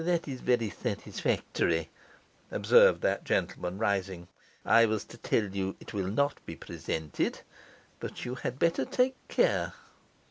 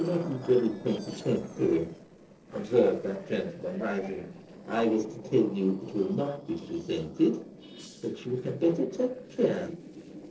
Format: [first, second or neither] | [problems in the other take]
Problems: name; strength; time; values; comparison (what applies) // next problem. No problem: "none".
first | noise reduction (neural separator model SepFormer DNS4)